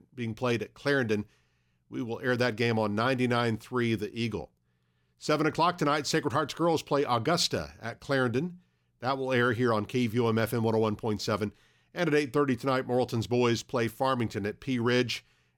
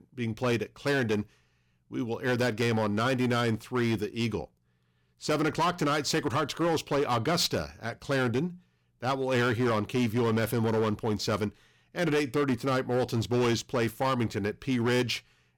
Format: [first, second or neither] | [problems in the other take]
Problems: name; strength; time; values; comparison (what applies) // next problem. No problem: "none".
first | distortion; slight; 10% of the sound clipped